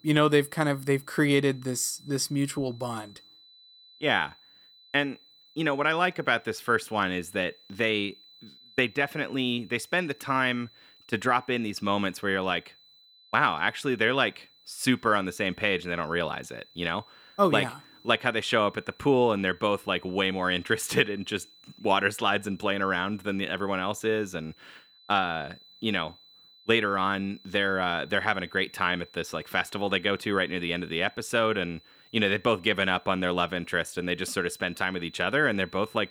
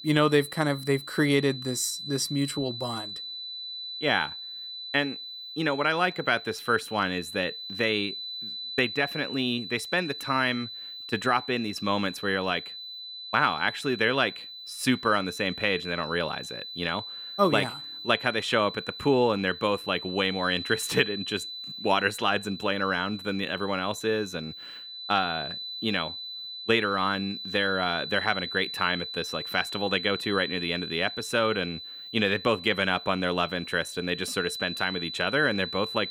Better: first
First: high-pitched whine; faint; throughout; 4 kHz, 25 dB below the speech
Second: high-pitched whine; loud; throughout; 4 kHz, 9 dB below the speech

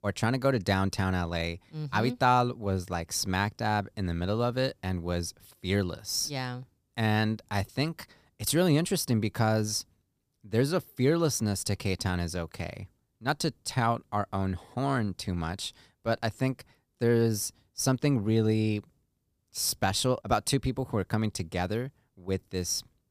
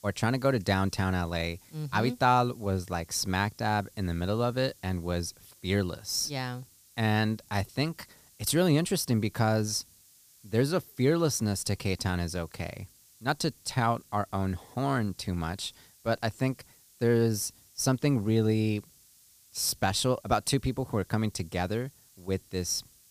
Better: first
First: none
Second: hiss; faint; throughout; 25 dB below the speech

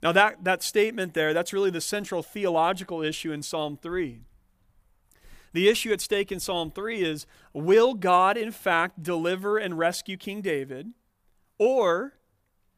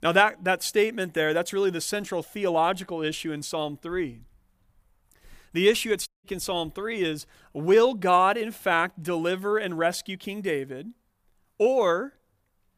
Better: first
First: none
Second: audio cutting out; at 6 s

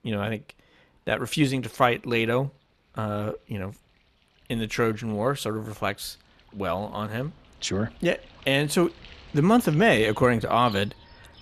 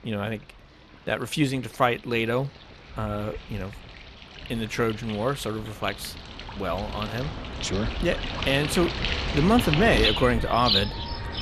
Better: first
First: animal sounds; faint; throughout; 25 dB below the speech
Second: animal sounds; loud; throughout; 3 dB below the speech

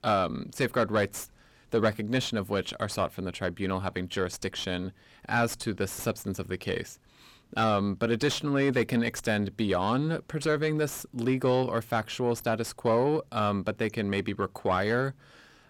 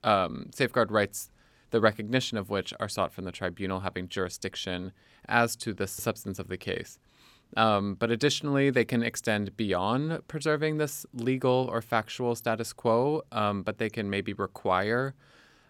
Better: second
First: distortion; slight; 10 dB below the speech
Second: none

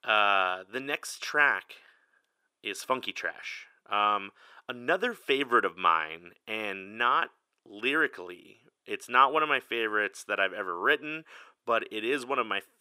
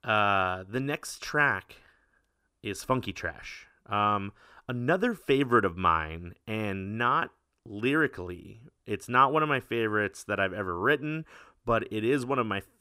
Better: second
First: thin; somewhat; fading below 400 Hz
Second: none

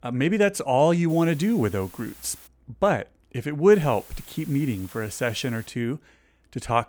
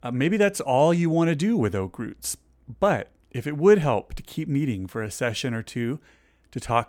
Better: second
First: hiss; faint; from 1 to 2.5 s and from 3.5 to 5.5 s; 20 dB below the speech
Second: none

